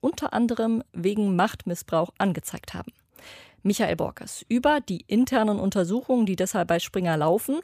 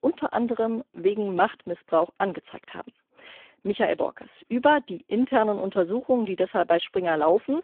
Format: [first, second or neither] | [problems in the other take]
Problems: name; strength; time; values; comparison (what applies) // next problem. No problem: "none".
first | phone-call audio; poor line